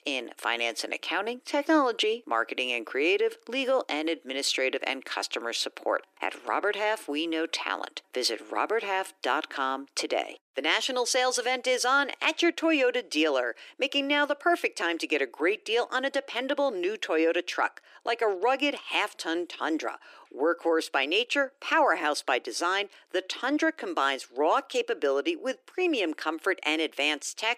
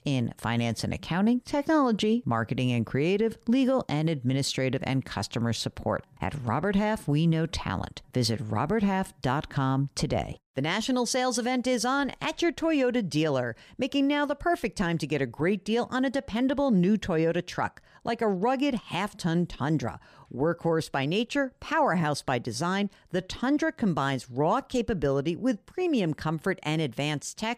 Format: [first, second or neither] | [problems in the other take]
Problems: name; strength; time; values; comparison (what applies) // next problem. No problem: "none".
second | thin; very; fading below 300 Hz